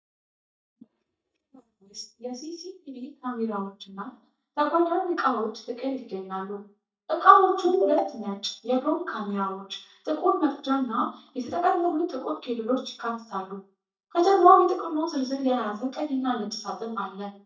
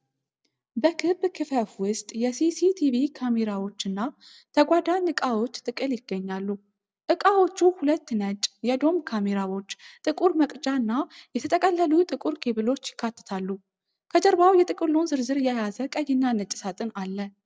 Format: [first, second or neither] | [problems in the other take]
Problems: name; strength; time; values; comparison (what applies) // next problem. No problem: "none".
second | noise reduction (neural mask model DeepFilterNet 3)